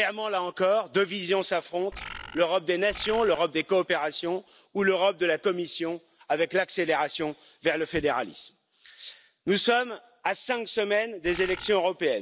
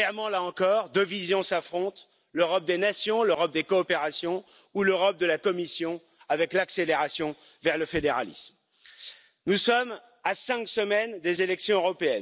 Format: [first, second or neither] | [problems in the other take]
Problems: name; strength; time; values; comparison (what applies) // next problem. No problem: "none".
second | background sound (Bird); 12 dB below the speech